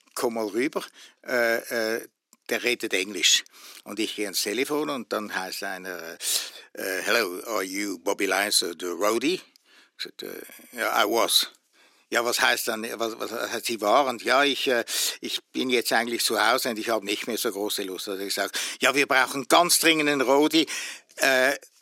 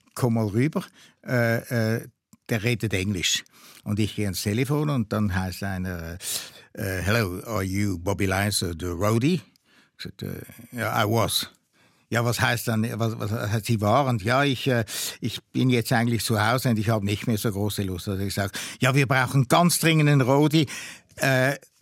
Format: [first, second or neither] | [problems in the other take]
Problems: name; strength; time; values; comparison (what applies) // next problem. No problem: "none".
second | thin; somewhat; fading below 350 Hz